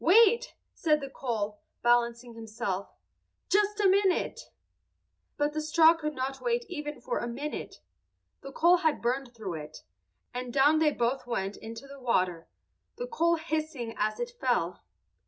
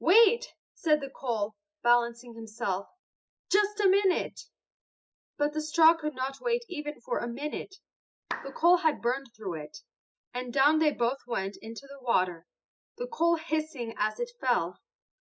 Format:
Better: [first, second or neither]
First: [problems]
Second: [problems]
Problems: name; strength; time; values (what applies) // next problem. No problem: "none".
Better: first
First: none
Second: noise reduction (classical method spectral subtraction)